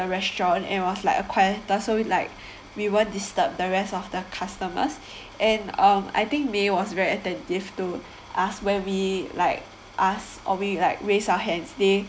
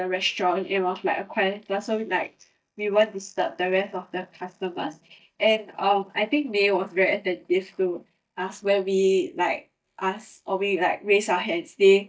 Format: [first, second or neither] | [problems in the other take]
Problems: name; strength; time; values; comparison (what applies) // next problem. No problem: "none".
first | noise reduction (neural mask model DeepFilterNet 3)